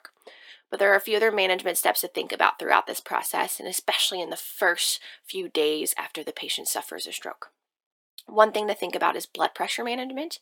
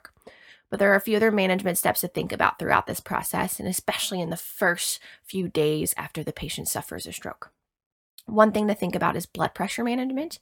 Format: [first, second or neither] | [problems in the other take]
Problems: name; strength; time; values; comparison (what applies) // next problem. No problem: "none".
second | thin; somewhat; fading below 350 Hz